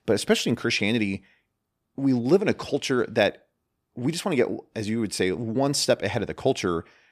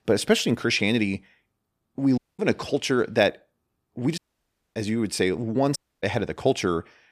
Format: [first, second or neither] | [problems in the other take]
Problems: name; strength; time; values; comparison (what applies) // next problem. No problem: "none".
first | audio cutting out; at 2 s, at 4 s for 0.5 s and at 6 s